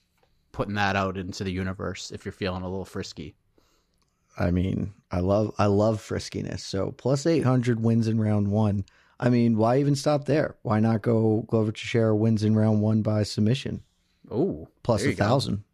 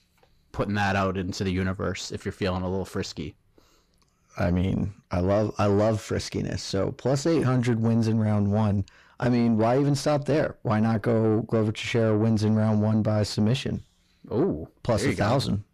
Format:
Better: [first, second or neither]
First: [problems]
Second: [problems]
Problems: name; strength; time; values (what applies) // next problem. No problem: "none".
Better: first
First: none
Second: distortion; slight; 10 dB below the speech